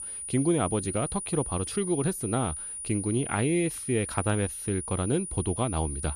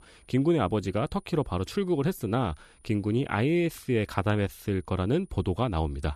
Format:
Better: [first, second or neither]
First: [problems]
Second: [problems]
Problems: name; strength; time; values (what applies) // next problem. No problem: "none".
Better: second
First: high-pitched whine; loud; throughout; 9.5 kHz, 5 dB below the speech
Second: high-pitched whine; faint; throughout; 9.5 kHz, 35 dB below the speech